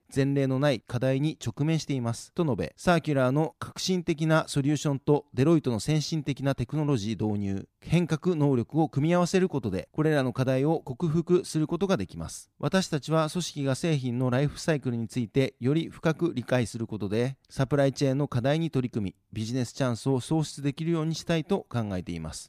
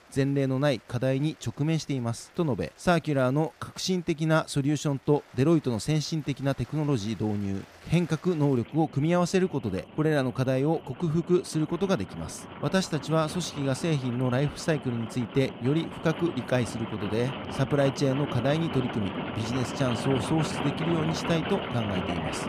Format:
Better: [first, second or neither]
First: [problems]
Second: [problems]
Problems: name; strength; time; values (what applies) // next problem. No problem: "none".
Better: first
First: none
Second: rain or running water; loud; throughout; 8 dB below the speech